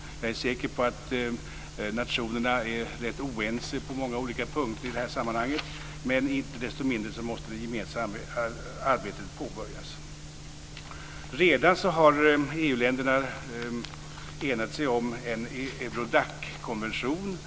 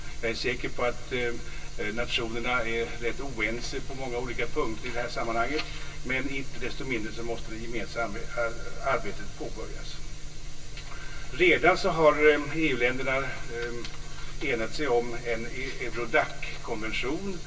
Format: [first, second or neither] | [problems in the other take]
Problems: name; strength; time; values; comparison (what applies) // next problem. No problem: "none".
first | room echo; dies away in 0.1 s